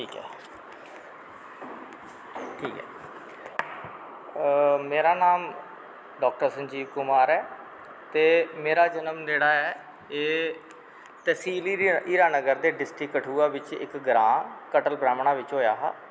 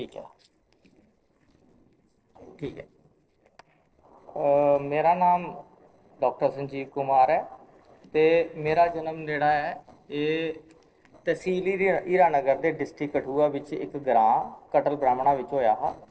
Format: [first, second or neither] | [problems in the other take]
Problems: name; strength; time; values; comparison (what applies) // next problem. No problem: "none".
first | noise reduction (neural separator model SepFormer DNS4)